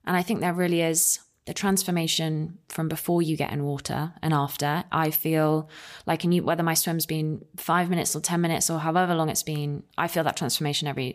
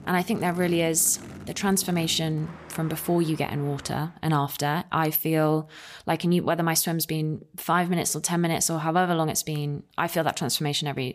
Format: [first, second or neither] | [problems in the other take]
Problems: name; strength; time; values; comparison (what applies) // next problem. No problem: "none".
first | traffic noise; noticeable; until 4 s; 20 dB below the speech